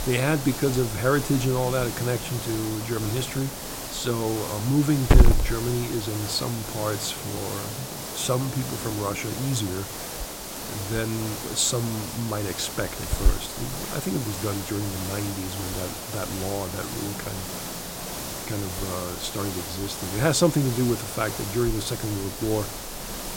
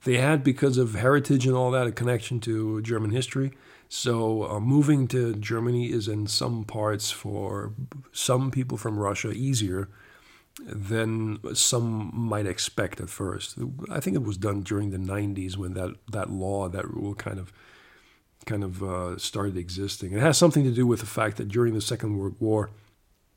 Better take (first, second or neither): second